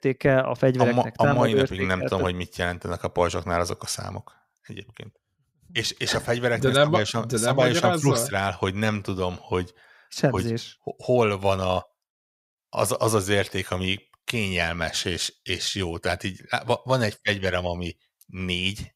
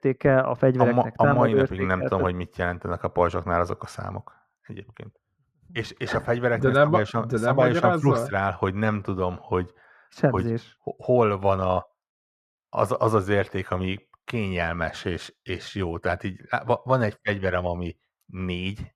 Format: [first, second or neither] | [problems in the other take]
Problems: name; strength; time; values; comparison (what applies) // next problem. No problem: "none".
first | muffled; very; fading above 2.5 kHz